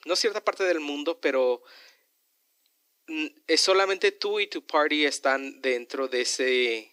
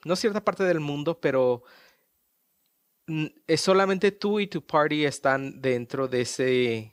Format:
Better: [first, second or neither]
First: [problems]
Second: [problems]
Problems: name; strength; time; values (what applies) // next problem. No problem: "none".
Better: second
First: thin; very slightly; fading below 300 Hz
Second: none